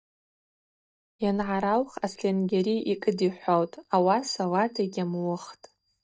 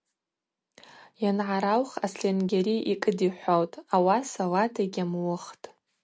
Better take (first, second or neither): second